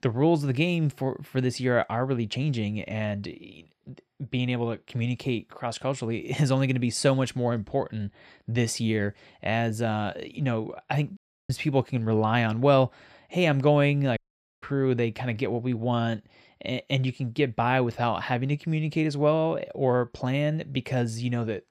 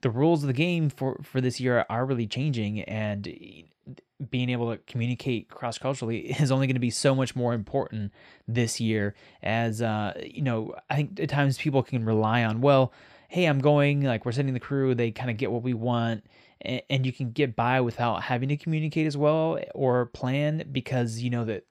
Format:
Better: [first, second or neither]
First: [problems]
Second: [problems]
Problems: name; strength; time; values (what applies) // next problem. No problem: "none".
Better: second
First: audio cutting out; at 11 s and at 14 s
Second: none